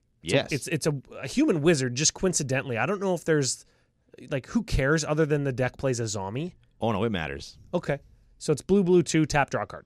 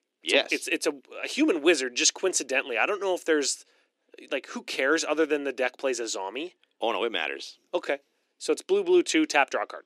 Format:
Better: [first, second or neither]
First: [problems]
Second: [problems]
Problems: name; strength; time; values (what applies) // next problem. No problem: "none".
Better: first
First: none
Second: thin; somewhat; fading below 300 Hz